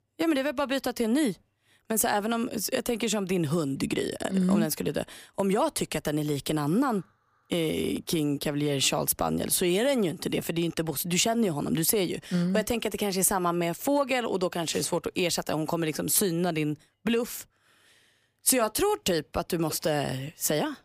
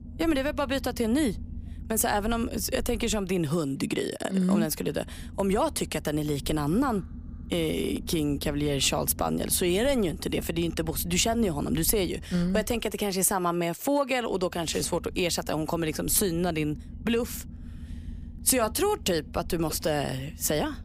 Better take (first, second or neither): first